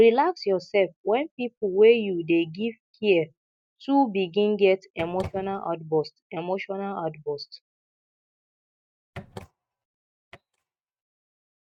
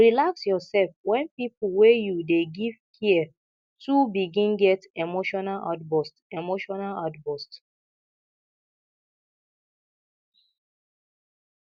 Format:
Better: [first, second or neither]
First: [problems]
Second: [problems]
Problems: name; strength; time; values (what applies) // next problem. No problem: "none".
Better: second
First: noise reduction (neural mask model RNNoise)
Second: none